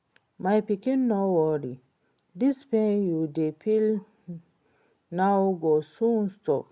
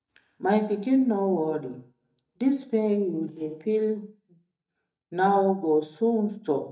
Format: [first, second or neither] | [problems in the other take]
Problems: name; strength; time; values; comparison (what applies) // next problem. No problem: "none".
first | noise reduction (neural mask model DeepFilterNet 3)